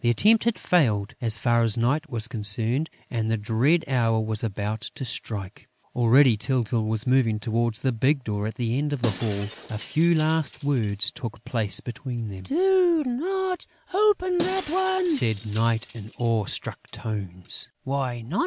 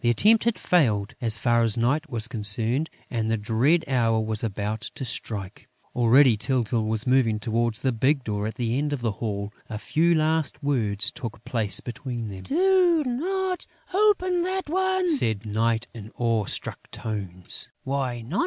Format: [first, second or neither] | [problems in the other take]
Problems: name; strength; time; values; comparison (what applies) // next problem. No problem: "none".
second | background sound (Shatter); 17 dB below the speech